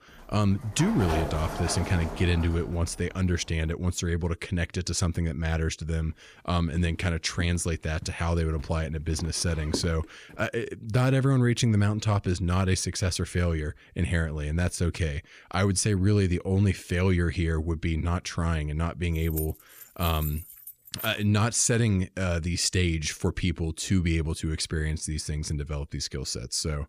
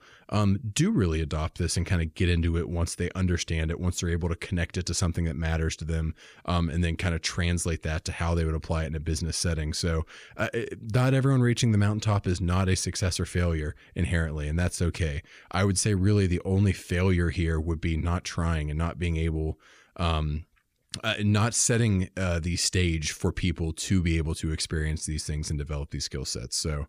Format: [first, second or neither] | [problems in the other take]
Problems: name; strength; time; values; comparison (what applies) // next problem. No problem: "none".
second | door banging; noticeable; until 3.5 s; peak 4 dB below the speech // footsteps; noticeable; from 7 to 10 s; peak 8 dB below the speech // jangling keys; noticeable; from 19 to 21 s; peak 9 dB below the speech